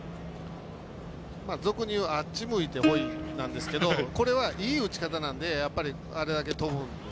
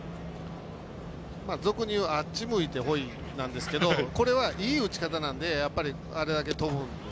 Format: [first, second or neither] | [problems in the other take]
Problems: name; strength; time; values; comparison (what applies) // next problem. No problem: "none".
second | background sound (Plucked string instrument); 4 dB below the speech